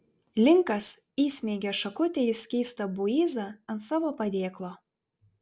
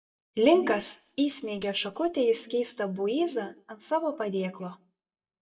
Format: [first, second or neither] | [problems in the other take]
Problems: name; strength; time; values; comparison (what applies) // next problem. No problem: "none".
first | noise reduction (neural mask model DeepFilterNet 3)